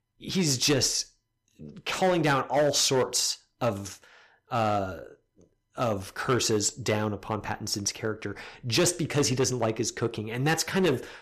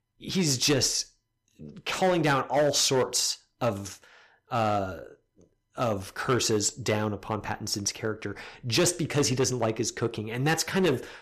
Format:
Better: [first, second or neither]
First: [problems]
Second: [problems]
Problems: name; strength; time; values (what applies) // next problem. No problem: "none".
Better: neither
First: distortion; slight; 5% of the sound clipped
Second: distortion; slight; 5% of the sound clipped